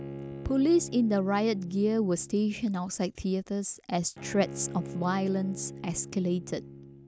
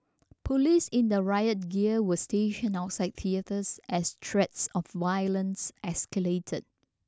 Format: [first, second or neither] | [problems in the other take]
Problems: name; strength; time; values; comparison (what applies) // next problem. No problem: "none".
second | background sound (Bowed string instrument); 14 dB below the speech